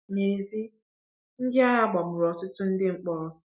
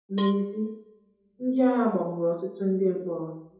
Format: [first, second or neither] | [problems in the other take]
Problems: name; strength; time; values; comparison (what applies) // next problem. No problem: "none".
first | background sound (Cowbell); 15 dB below the speech // room echo; dies away in 2.6 s